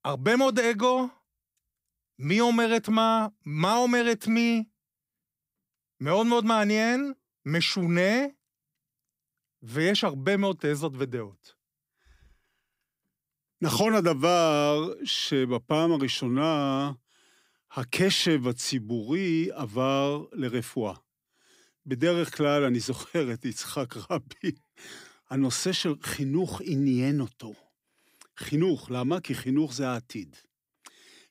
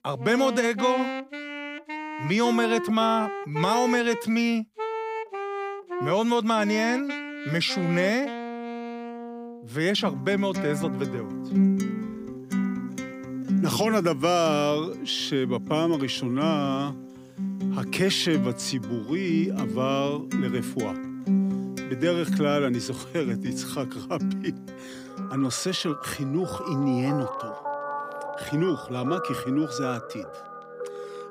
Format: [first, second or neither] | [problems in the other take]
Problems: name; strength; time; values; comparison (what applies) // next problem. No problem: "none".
first | background music; loud; throughout; 6 dB below the speech